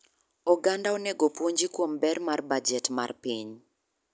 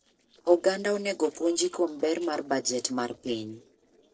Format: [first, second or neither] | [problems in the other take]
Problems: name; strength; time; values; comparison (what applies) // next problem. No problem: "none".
first | noise reduction (neural separator model SepFormer DNS4)